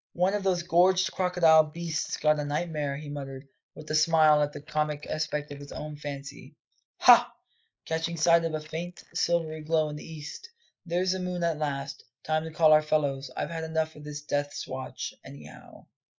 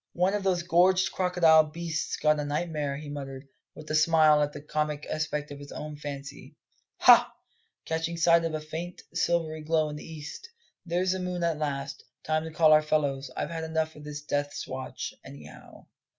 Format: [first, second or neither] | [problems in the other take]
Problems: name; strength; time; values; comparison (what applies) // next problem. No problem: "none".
second | noise reduction (neural mask model Resemble Enhance denoiser)